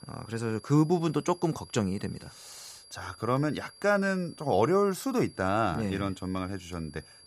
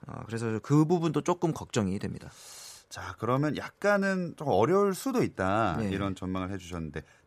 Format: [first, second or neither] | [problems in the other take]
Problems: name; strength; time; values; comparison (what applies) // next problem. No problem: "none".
second | high-pitched whine; faint; throughout; 4.5 kHz, 25 dB below the speech